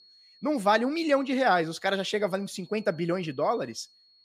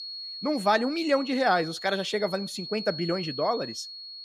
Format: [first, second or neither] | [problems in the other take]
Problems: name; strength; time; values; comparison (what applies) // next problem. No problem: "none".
first | high-pitched whine; loud; throughout; 4.5 kHz, 9 dB below the speech; faint in the first